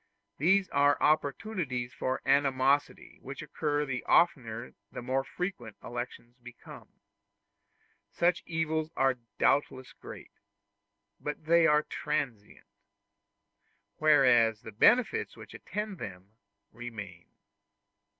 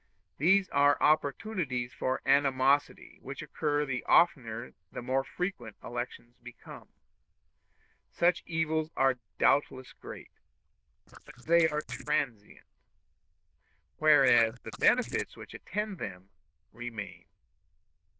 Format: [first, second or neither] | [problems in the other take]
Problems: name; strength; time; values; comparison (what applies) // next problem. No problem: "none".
first | noise reduction (neural diffusion model UNIVERSE++)